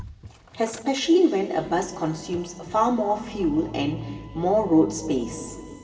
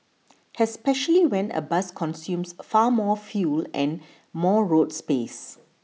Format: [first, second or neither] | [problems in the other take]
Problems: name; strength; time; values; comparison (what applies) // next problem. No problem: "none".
second | background sound (Slam / Engine starting); 18 dB below the speech // room echo; dies away in 2.8 s